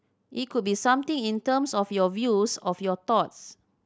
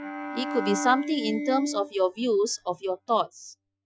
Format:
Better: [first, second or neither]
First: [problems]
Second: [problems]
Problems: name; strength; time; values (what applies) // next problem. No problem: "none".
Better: first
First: none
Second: noise reduction (classical method Wiener filter)